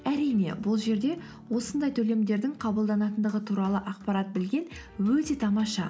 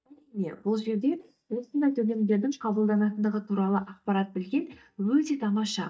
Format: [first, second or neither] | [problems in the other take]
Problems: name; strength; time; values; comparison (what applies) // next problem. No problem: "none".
first | noise reduction (neural mask model DeepFilterNet 3)